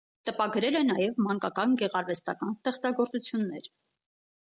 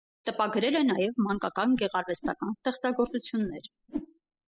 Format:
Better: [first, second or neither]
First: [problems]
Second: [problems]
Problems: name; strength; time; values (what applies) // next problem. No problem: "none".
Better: first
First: none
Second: noise reduction (classical method spectral subtraction)